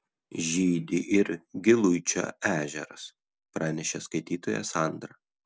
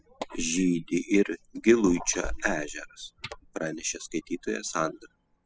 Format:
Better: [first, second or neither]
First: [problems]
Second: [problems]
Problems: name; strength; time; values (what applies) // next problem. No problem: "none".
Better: first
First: none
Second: noise reduction (classical method spectral subtraction)